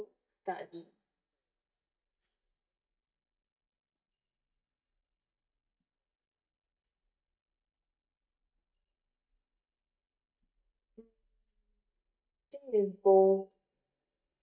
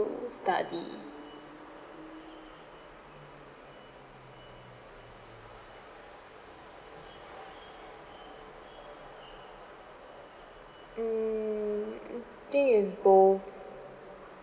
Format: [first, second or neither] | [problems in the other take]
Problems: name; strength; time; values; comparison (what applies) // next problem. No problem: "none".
second | noise reduction (neural mask model DeepFilterNet 3)